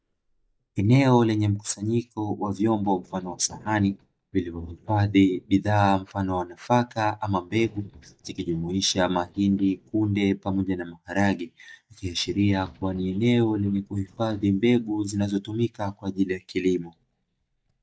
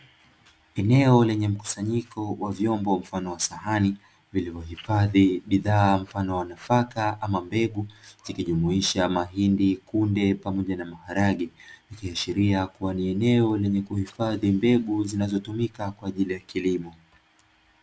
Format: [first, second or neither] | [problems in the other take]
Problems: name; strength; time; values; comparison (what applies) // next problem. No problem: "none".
second | noise reduction (neural mask model DeepFilterNet 3)